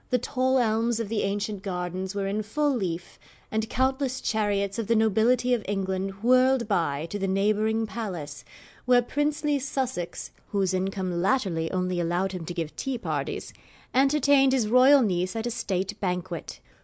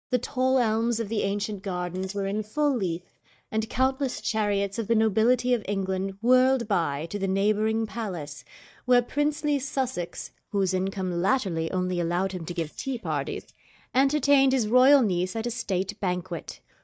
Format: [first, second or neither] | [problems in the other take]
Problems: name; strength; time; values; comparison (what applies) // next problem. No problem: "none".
first | noise reduction (neural mask model DeepFilterNet 3)